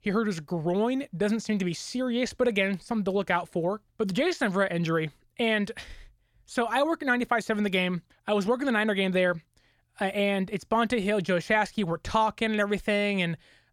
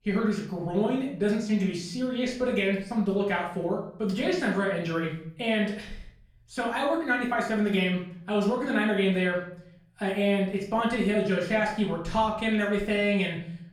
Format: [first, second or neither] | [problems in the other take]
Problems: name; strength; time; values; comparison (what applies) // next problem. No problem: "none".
first | off-mic speech; far // room echo; noticeable; dies away in 0.5 s